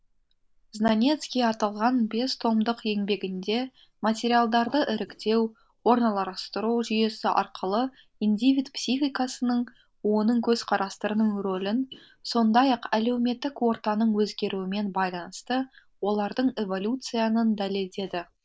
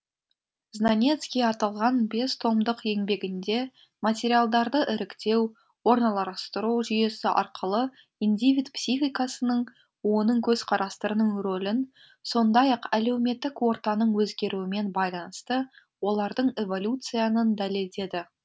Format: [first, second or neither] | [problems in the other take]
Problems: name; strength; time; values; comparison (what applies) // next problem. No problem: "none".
second | noise reduction (neural mask model Resemble Enhance denoiser)